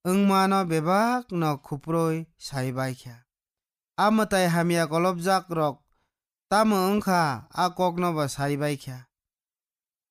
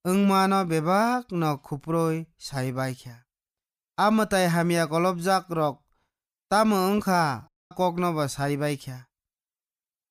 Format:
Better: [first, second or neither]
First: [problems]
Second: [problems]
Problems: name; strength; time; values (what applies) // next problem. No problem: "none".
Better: first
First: none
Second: audio cutting out; at 7.5 s